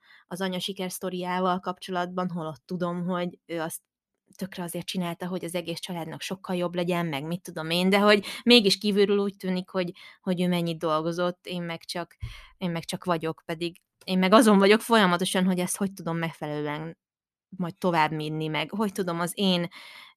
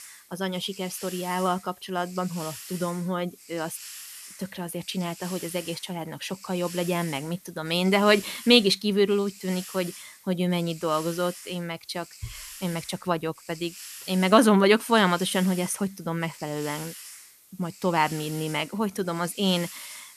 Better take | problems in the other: first | hiss; noticeable; throughout; 15 dB below the speech

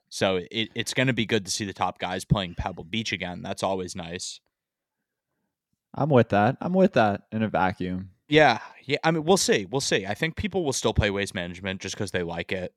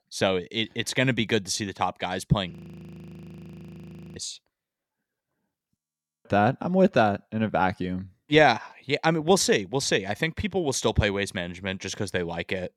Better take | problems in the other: first | audio freezing; at 2.5 s for 1.5 s and at 6 s

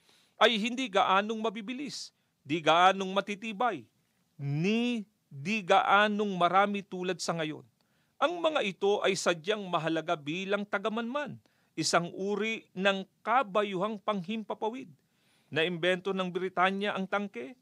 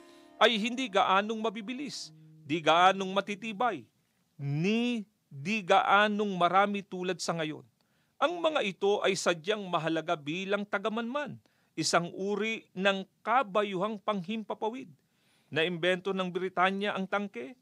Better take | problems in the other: first | background music; faint; until 4 s; 30 dB below the speech

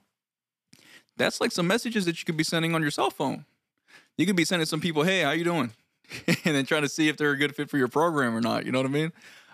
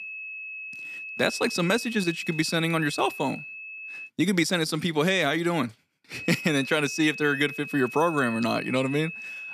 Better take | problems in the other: first | high-pitched whine; noticeable; until 4 s and from 6 s on; 2.5 kHz, 10 dB below the speech

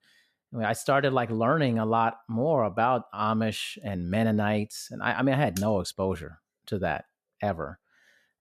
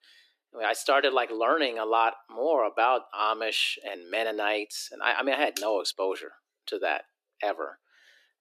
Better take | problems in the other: first | thin; very; fading below 300 Hz

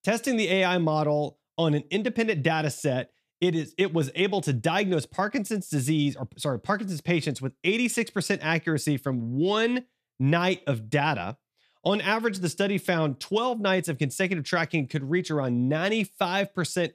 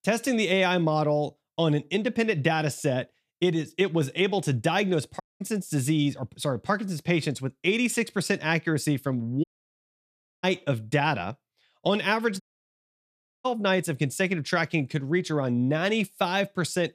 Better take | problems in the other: first | audio cutting out; at 5 s, at 9.5 s for 1 s and at 12 s for 1 s

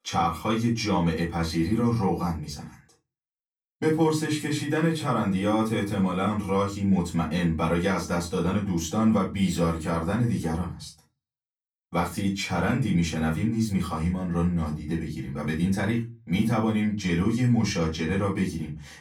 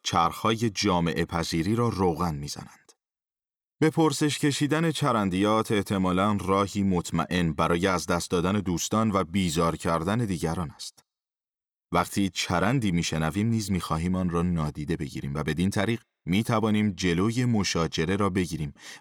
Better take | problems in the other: second | off-mic speech; far // room echo; very slight; dies away in 0.3 s

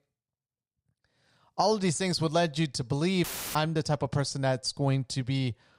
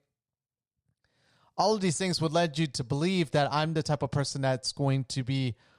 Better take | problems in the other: second | audio cutting out; filled with static; at 3 s

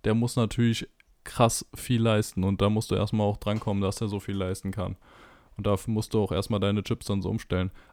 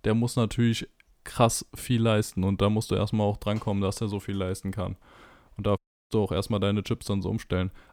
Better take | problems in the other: first | audio cutting out; at 6 s

